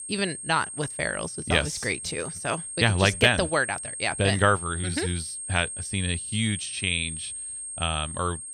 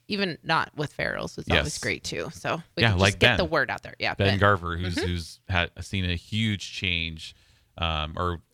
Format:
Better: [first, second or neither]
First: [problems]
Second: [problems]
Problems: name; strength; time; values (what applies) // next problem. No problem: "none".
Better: second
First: high-pitched whine; loud; throughout; 8.5 kHz, 7 dB below the speech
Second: none